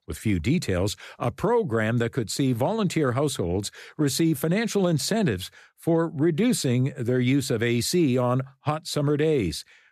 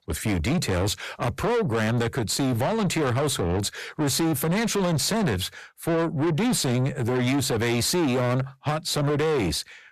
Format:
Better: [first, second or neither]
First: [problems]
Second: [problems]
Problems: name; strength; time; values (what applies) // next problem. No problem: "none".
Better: first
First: none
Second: distortion; heavy; 7 dB below the speech